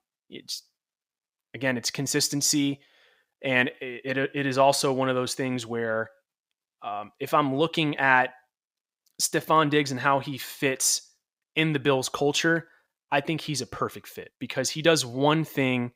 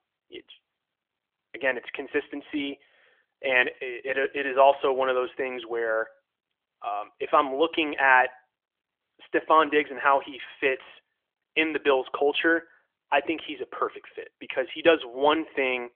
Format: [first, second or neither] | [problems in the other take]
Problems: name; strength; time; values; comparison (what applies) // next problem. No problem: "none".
first | phone-call audio; nothing above 3.5 kHz